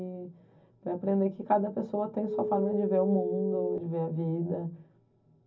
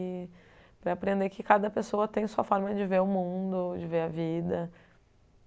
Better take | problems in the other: second | background sound (Telephone); 6 dB below the speech // room echo; dies away in 0.4 s

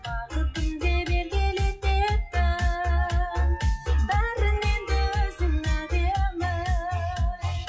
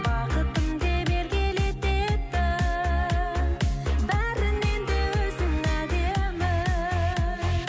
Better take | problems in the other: second | noise reduction (classical method WPE with log-MMSE)

